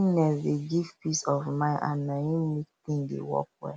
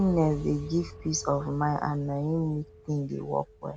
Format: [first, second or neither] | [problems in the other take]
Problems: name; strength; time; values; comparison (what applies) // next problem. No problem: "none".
first | background sound (Boom + Chink, clink); 16 dB below the speech